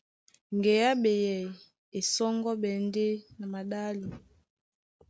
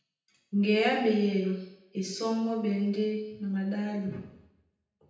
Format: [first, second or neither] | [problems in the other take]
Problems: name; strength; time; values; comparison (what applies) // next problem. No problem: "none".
first | room echo; dies away in 0.9 s